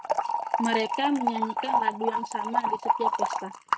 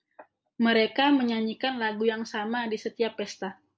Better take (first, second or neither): second